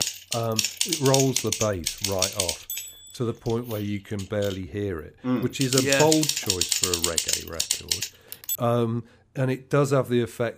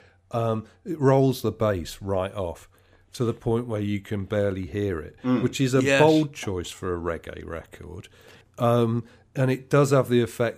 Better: second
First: keyboard typing; loud; until 8.5 s; peak 5 dB above the speech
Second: none

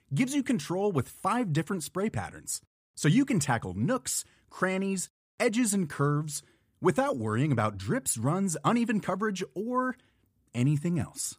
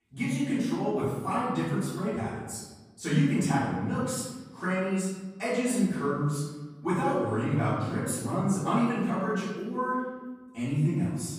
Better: first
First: none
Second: off-mic speech; far // room echo; strong; dies away in 1.2 s

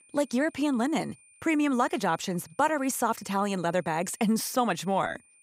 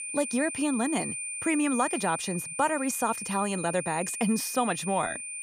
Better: first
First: high-pitched whine; faint; throughout; 9 kHz, 30 dB below the speech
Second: high-pitched whine; loud; throughout; 9 kHz, 5 dB below the speech

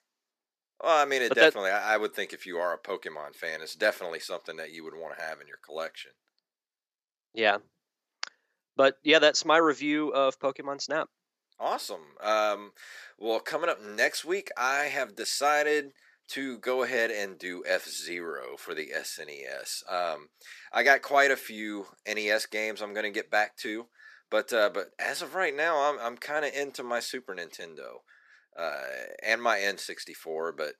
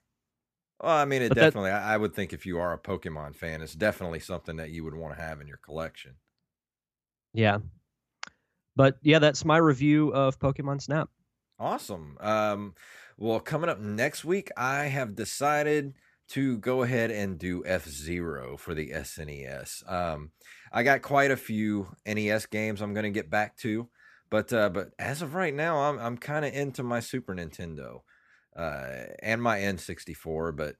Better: second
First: thin; somewhat; fading below 350 Hz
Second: none

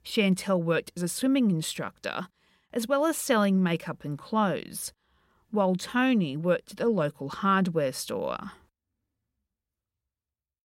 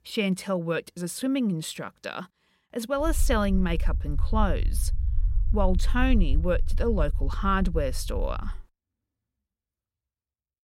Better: first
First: none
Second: low rumble; faint; from 3 to 8.5 s; 20 dB below the speech

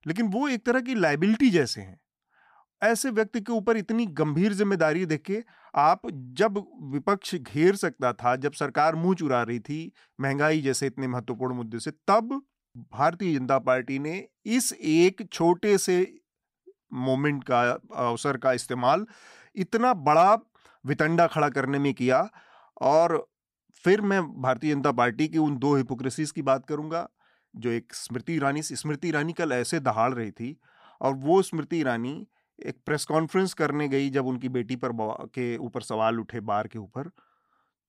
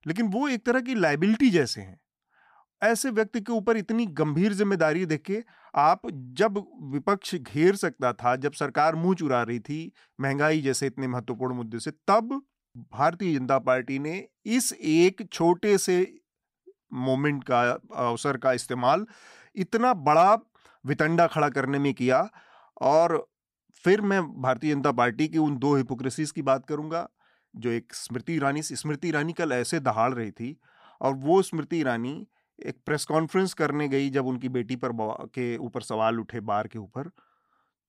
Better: neither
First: none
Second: none

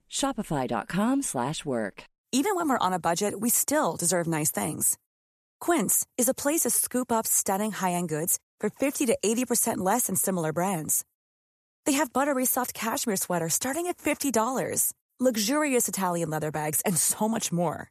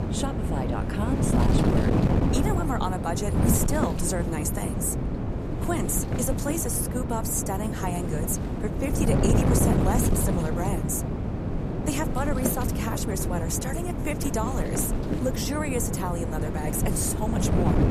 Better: first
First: none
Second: wind noise on the microphone; heavy; 1 dB below the speech

